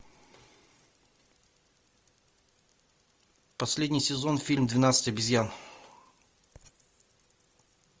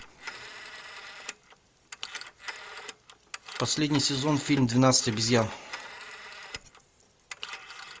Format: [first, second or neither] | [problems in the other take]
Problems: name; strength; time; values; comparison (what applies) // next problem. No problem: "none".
first | background sound (Telephone); 13 dB below the speech